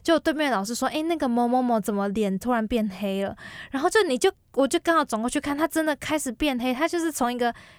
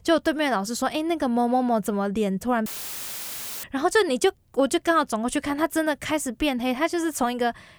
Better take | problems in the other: first | audio cutting out; filled with static; at 2.5 s for 1 s

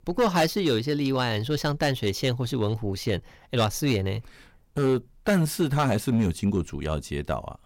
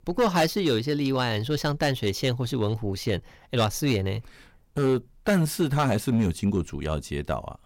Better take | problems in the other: neither | distortion; slight; 4% of the sound clipped; the same in both

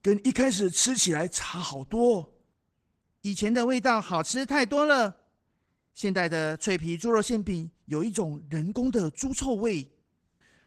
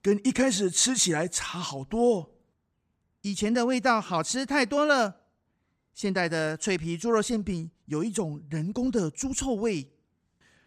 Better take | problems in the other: second | garbled, watery; slightly; nothing above 14 kHz

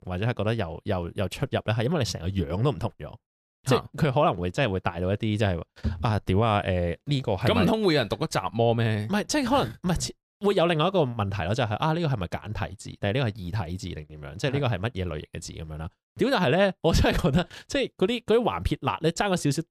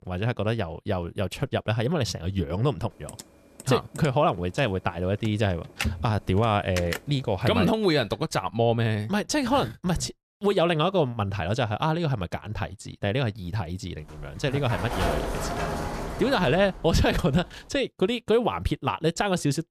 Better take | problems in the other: first | keyboard typing; noticeable; from 3 to 7 s; peak 7 dB below the speech // door banging; noticeable; from 14 to 17 s; peak 2 dB below the speech

